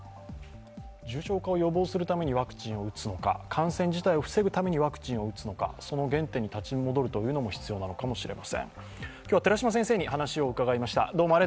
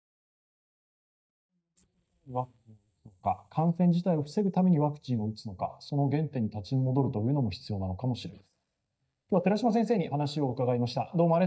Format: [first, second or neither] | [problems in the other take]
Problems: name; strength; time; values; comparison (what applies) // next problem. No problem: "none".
first | noise reduction (neural mask model DeepFilterNet 3)